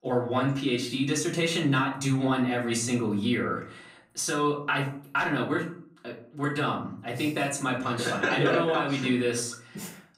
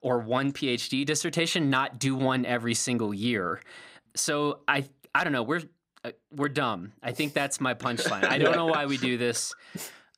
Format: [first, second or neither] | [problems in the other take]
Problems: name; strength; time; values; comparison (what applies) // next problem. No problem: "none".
second | off-mic speech; far // room echo; slight; dies away in 0.4 s